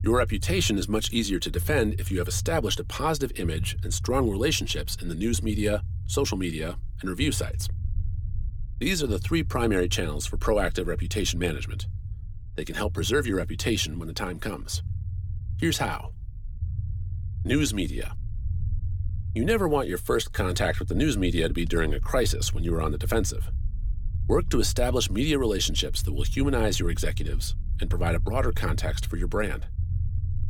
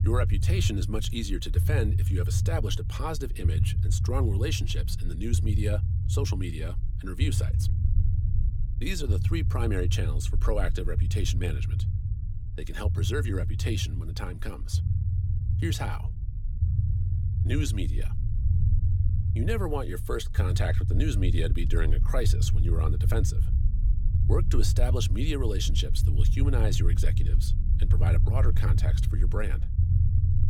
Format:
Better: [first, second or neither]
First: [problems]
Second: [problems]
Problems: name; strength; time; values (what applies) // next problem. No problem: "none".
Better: first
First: low rumble; faint; throughout; 20 dB below the speech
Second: low rumble; loud; throughout; 7 dB below the speech